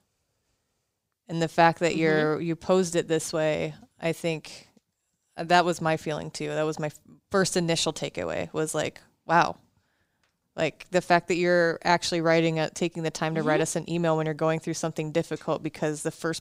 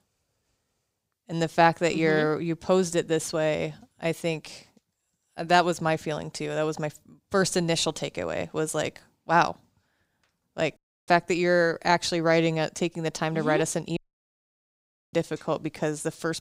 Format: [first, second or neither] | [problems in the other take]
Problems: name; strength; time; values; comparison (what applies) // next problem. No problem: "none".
first | audio cutting out; at 11 s and at 14 s for 1 s